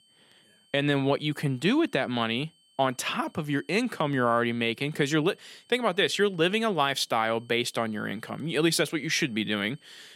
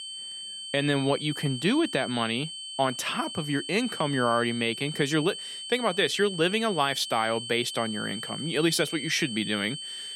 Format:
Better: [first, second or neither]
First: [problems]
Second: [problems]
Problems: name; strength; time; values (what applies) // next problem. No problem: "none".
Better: first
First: high-pitched whine; faint; throughout; 3 kHz, 35 dB below the speech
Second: high-pitched whine; loud; throughout; 3 kHz, 8 dB below the speech